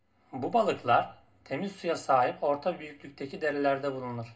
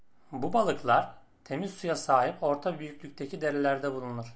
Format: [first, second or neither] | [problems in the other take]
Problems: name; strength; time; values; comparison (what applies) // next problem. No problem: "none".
second | room echo; dies away in 0.2 s